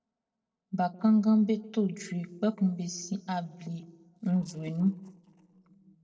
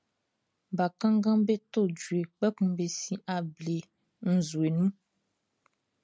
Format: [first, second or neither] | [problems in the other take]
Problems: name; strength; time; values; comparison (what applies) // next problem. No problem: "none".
second | noise reduction (neural separator model SepFormer DNS4)